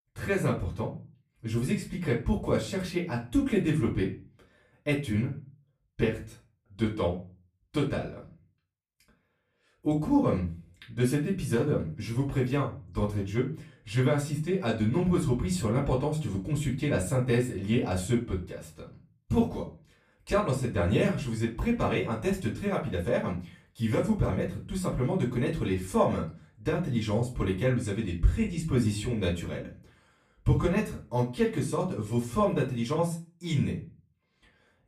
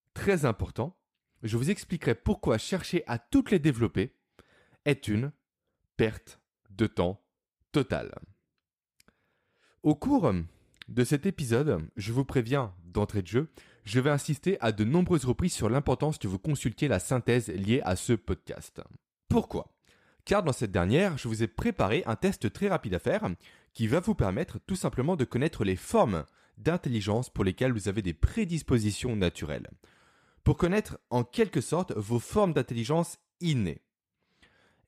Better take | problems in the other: second | off-mic speech; far // room echo; very slight; dies away in 0.3 s

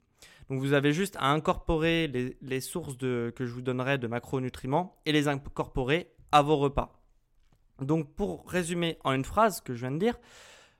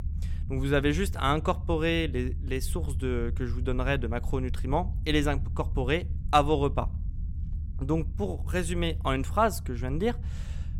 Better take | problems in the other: first | low rumble; faint; throughout; 20 dB below the speech

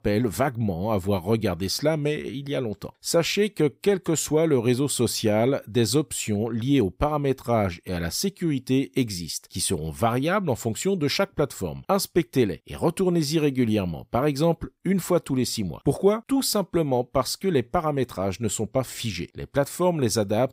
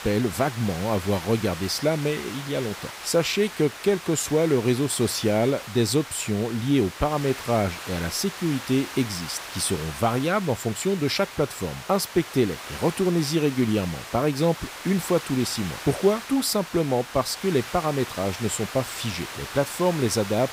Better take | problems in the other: first | hiss; noticeable; throughout; 10 dB below the speech

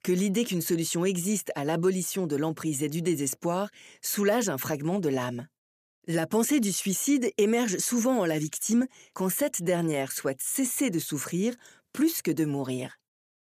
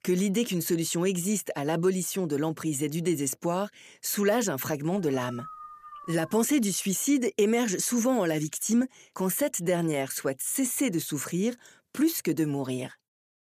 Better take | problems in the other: first | dog barking; faint; from 5 to 6.5 s; peak 15 dB below the speech

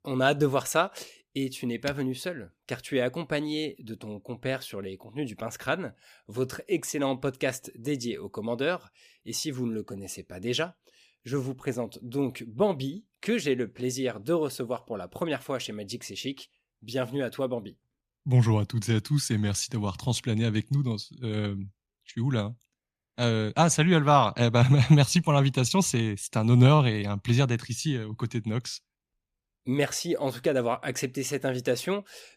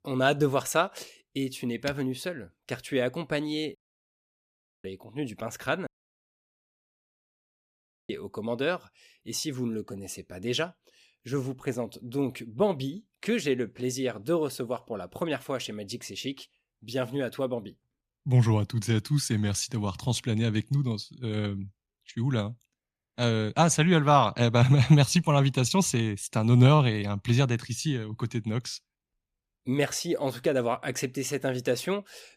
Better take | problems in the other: first | audio cutting out; at 4 s for 1 s and at 6 s for 2 s

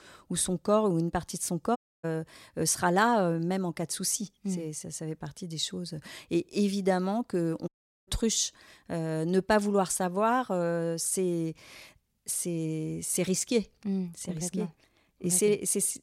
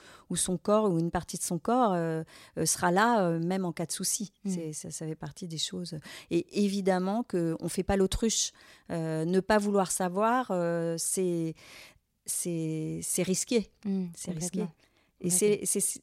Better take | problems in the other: second | audio cutting out; at 2 s and at 7.5 s

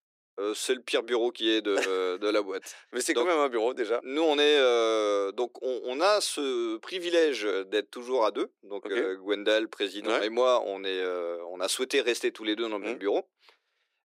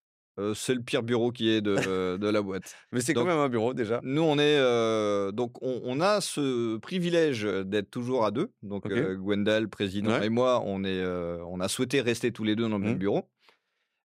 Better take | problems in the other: second | thin; somewhat; fading below 300 Hz

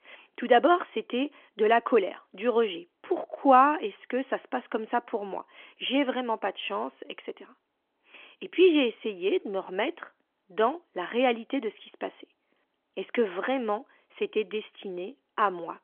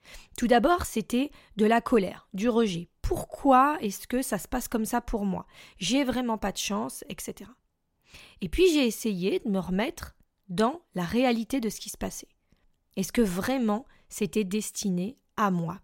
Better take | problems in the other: second | phone-call audio; nothing above 3.5 kHz

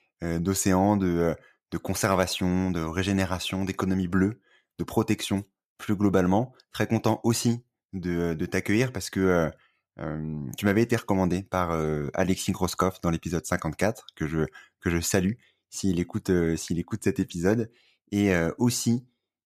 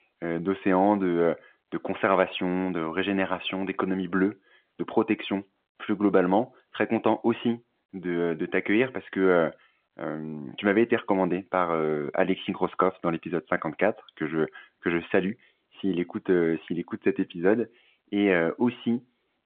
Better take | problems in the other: first | phone-call audio; nothing above 3.5 kHz

